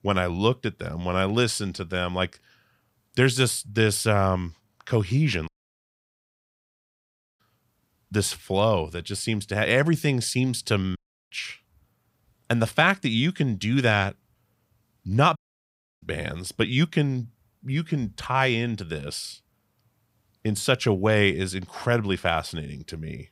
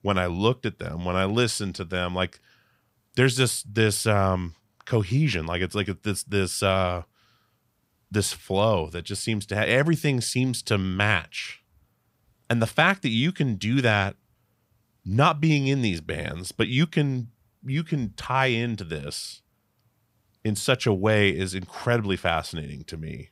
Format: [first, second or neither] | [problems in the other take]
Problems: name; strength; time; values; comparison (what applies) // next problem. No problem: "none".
second | audio cutting out; at 5.5 s for 2 s, at 11 s and at 15 s for 0.5 s